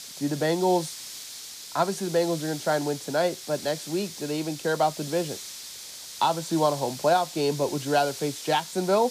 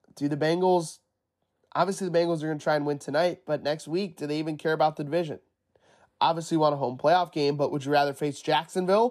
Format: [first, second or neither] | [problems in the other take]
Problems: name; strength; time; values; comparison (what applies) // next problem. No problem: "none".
second | hiss; noticeable; throughout; 10 dB below the speech